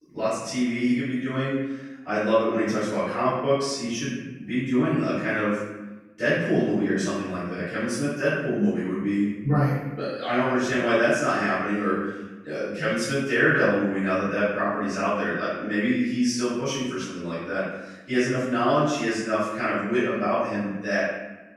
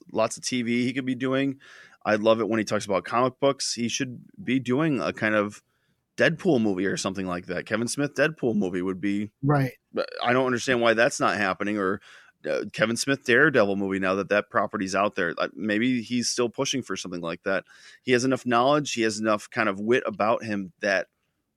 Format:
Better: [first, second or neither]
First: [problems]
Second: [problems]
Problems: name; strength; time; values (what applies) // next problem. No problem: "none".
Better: second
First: off-mic speech; far // room echo; strong; dies away in 1 s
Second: none